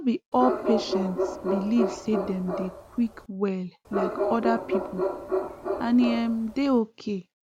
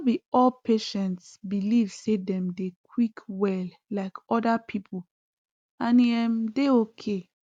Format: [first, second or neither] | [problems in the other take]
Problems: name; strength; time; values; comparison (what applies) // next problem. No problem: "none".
second | background sound (Bark); 3 dB below the speech